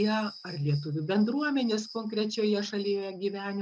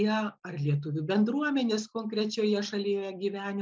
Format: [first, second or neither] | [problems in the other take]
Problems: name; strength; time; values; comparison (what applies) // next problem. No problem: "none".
second | noise reduction (neural mask model RNNoise)